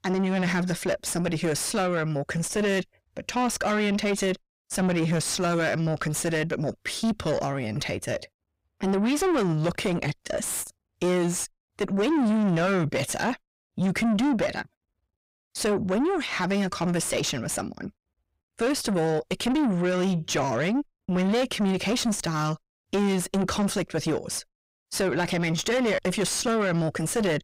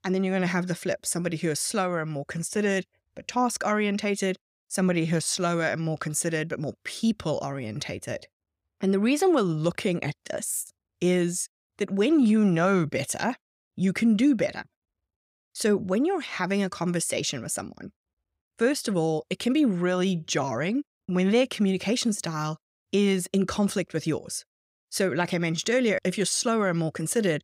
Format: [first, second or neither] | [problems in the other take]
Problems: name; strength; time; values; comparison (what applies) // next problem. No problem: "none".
second | distortion; heavy; 7 dB below the speech